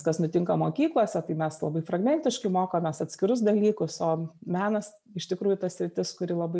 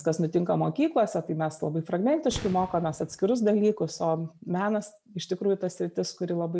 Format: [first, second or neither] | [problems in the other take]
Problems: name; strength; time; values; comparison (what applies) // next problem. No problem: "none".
first | background sound (Fireworks); 16 dB below the speech